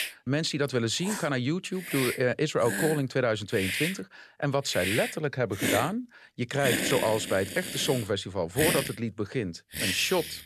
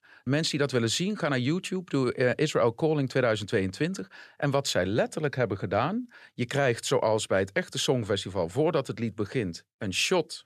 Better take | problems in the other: second | hiss; loud; throughout; 3 dB below the speech

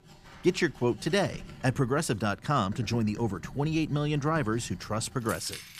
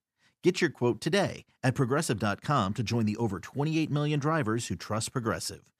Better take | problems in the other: second | household noises; noticeable; throughout; 15 dB below the speech

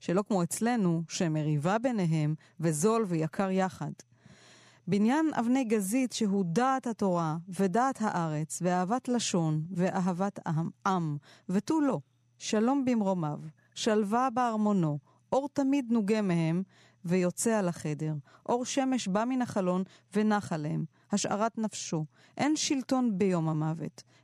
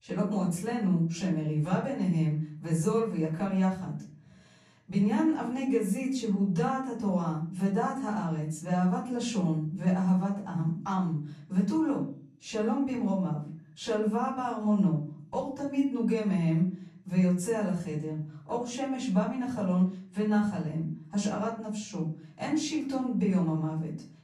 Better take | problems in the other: first | room echo; slight; dies away in 0.5 s // off-mic speech; far

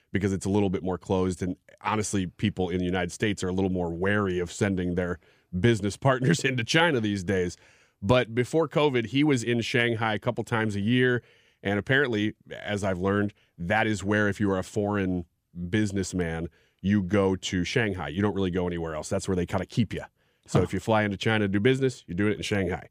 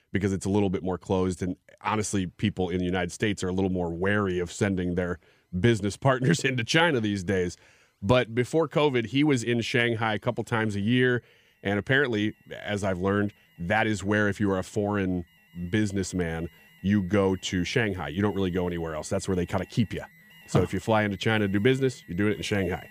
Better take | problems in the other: first | alarms or sirens; faint; throughout; 25 dB below the speech

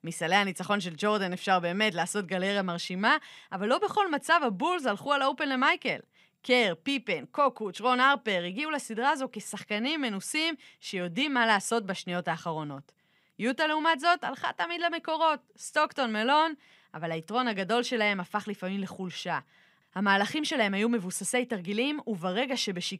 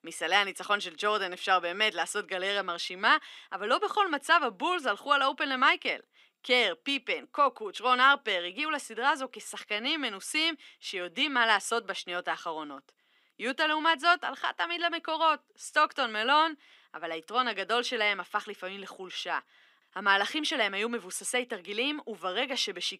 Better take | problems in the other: first | thin; somewhat; fading below 300 Hz

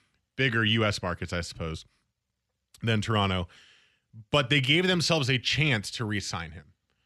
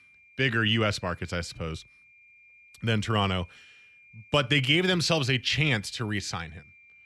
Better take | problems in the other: first | high-pitched whine; faint; throughout; 2.5 kHz, 25 dB below the speech

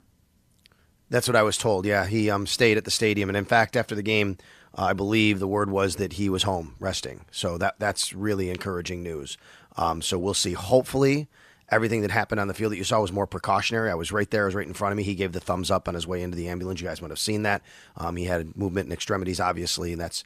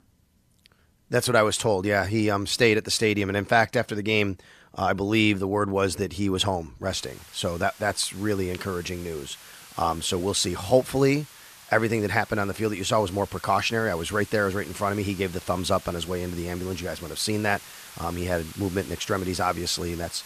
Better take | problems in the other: first | hiss; noticeable; from 7 s on; 20 dB below the speech

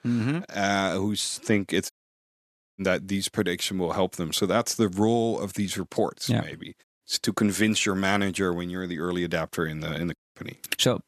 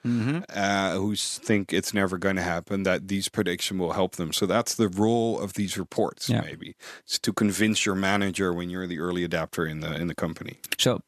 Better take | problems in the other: second | audio cutting out; at 2 s for 1 s, at 7 s and at 10 s

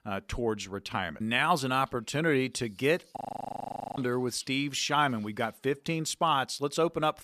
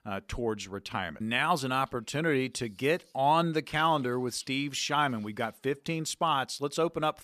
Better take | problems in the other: second | audio freezing; at 3 s for 1 s

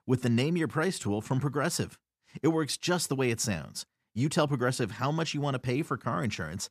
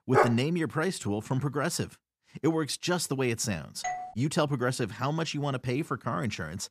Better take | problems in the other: first | dog barking; loud; at the start; peak 4 dB above the speech // doorbell; noticeable; at 4 s; peak 6 dB below the speech

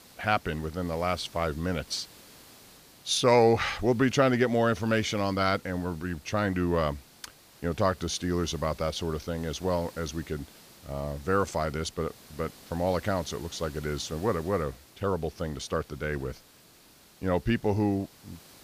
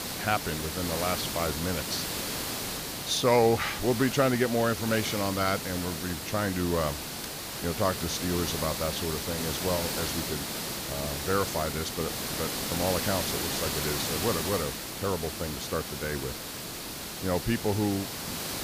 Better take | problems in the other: first | hiss; loud; throughout; 2 dB below the speech; faint in the first

